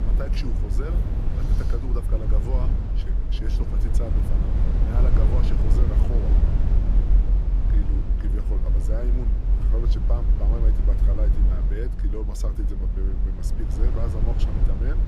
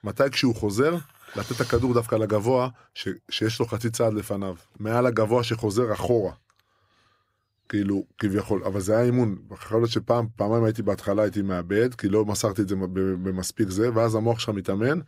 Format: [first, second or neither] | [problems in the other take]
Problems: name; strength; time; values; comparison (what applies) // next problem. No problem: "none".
second | low rumble; loud; throughout; as loud as the speech